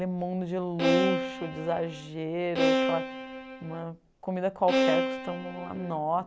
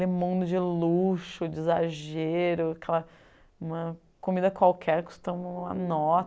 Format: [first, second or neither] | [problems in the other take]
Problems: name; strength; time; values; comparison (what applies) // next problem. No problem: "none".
second | background sound (Bowed string instrument); 1 dB above the speech